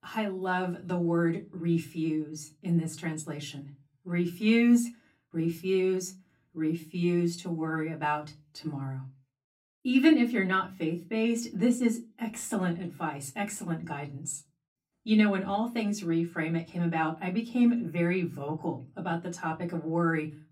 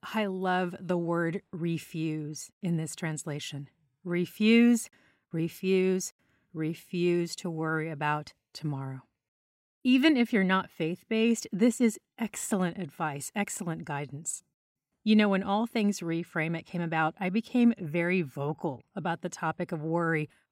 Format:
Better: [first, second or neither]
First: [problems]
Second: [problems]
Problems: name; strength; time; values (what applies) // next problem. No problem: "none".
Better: second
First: off-mic speech; far // room echo; very slight; dies away in 0.2 s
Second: none